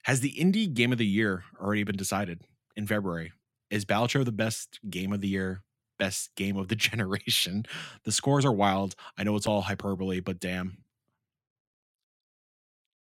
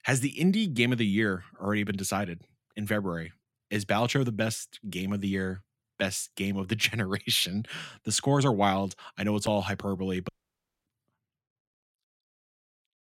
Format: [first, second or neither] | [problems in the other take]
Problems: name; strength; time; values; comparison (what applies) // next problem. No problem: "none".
first | audio cutting out; at 10 s for 0.5 s